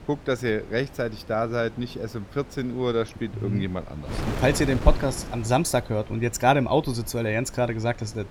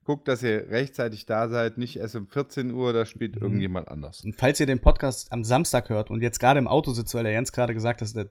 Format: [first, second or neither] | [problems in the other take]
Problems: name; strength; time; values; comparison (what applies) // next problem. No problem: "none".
second | wind noise on the microphone; occasional gusts; 15 dB below the speech